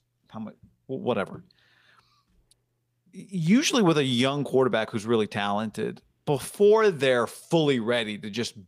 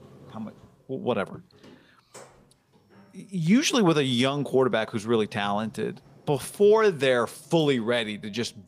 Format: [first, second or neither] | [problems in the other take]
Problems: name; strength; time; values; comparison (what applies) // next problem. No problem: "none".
first | household noises; faint; throughout; 30 dB below the speech